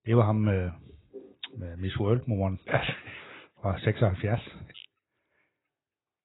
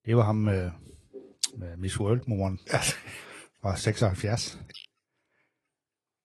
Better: second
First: garbled, watery; badly; nothing above 4 kHz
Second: garbled, watery; slightly

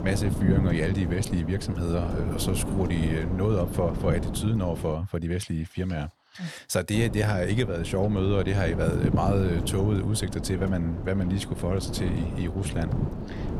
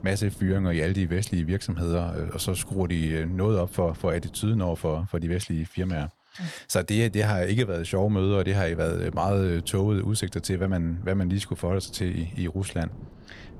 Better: second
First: wind noise on the microphone; heavy; until 5 s and from 7 s on; 7 dB below the speech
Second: wind noise on the microphone; occasional gusts; until 5 s and from 7 s on; 20 dB below the speech

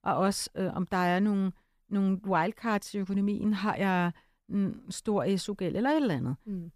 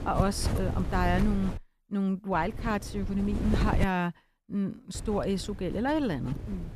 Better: first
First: none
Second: wind noise on the microphone; occasional gusts; until 1.5 s, from 2.5 to 4 s and from 5 s on; 10 dB below the speech

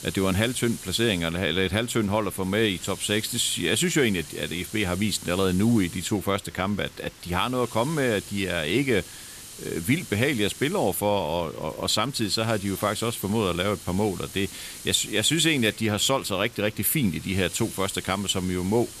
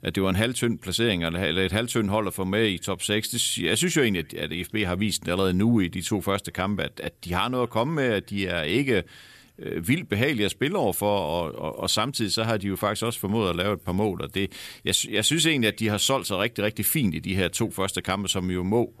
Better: second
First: hiss; noticeable; throughout; 15 dB below the speech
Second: none

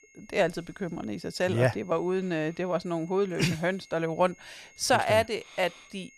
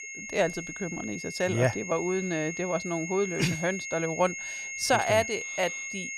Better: first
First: high-pitched whine; faint; throughout; 2 kHz, 25 dB below the speech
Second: high-pitched whine; loud; throughout; 2 kHz, 6 dB below the speech

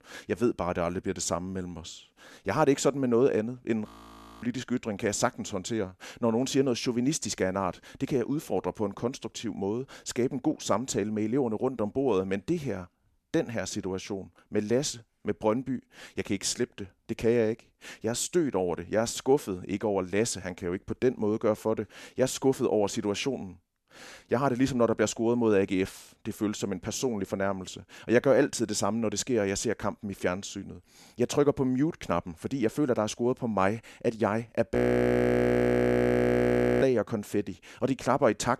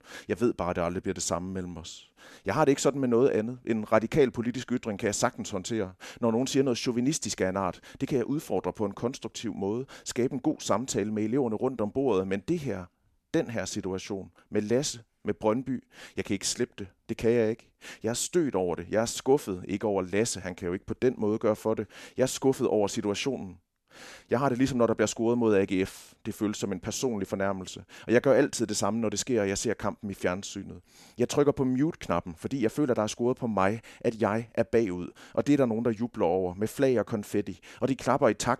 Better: second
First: audio freezing; at 4 s for 0.5 s and at 35 s for 2 s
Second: none

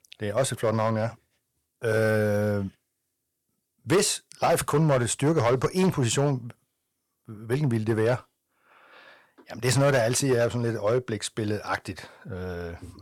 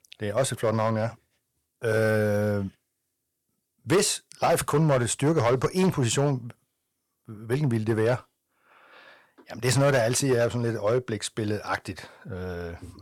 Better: neither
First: distortion; slight; 4% of the sound clipped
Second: distortion; slight; 4% of the sound clipped

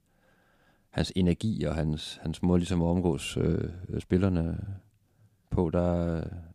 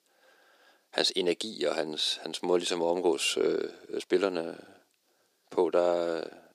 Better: first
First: none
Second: thin; very; fading below 350 Hz

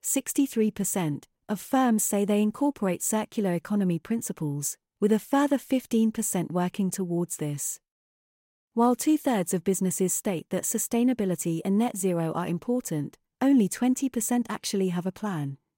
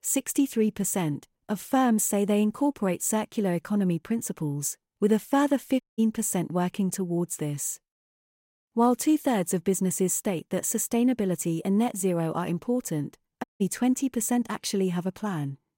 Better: first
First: none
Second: audio cutting out; at 6 s and at 13 s

